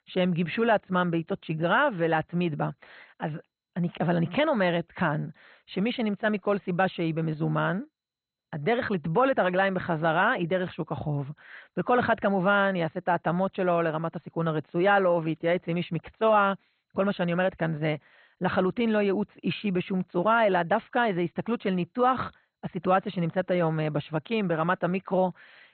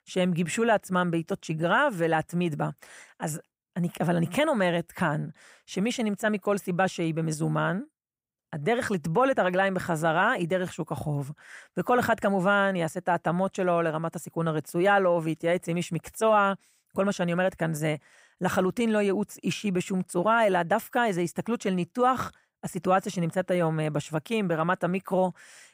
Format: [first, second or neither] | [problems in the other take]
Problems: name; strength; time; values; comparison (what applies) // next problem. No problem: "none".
second | garbled, watery; badly; nothing above 4 kHz